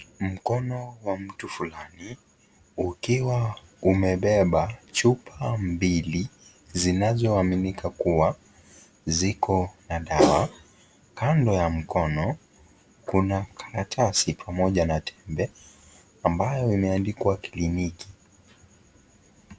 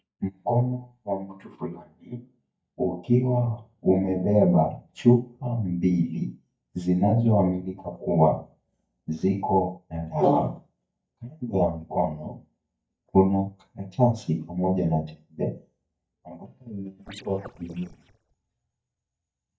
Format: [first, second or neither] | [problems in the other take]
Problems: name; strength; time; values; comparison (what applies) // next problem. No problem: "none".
first | noise reduction (neural mask model DeepFilterNet 3)